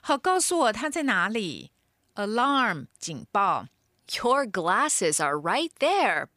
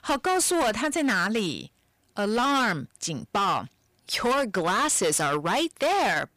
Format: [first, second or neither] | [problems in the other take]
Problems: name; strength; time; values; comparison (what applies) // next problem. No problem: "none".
first | distortion; heavy; 18% of the sound clipped